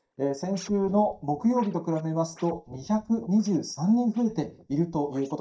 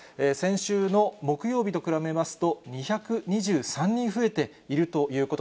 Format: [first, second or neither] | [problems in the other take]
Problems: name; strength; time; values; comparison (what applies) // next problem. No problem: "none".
second | noise reduction (neural mask model DeepFilterNet 3)